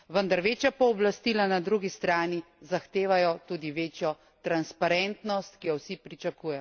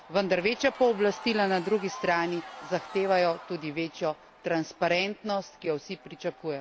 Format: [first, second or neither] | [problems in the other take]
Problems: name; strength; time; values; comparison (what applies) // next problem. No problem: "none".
first | background sound (Crowd / Cheering); 17 dB below the speech